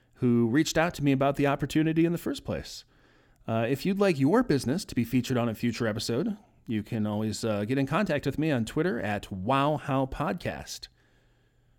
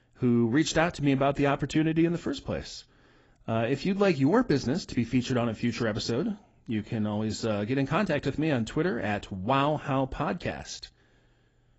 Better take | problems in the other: first | garbled, watery; badly; nothing above 7.5 kHz

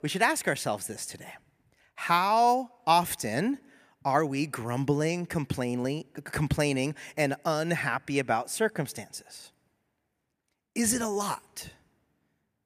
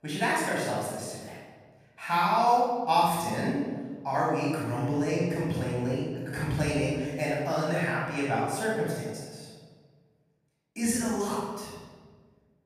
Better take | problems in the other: first | off-mic speech; far // room echo; strong; dies away in 1.3 s

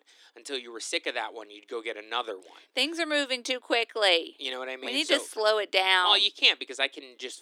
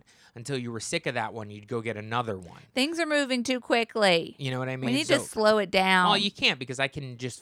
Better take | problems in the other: second | thin; somewhat; fading below 300 Hz

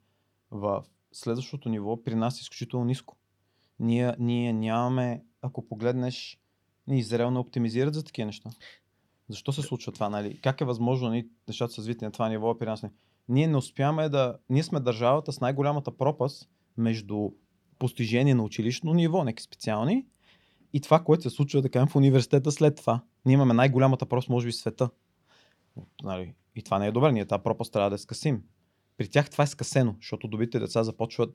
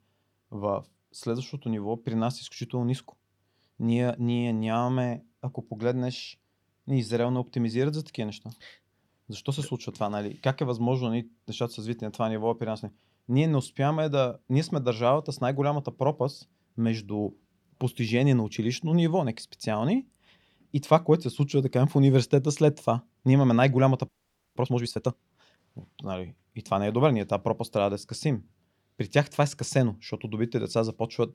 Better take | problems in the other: first | audio freezing; at 24 s

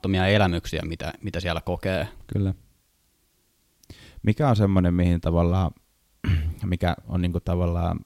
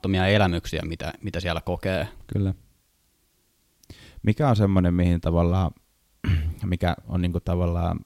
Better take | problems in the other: neither | none

